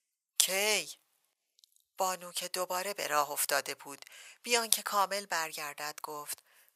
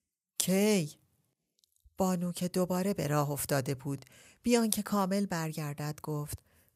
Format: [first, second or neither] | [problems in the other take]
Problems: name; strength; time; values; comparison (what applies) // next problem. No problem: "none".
second | thin; very; fading below 900 Hz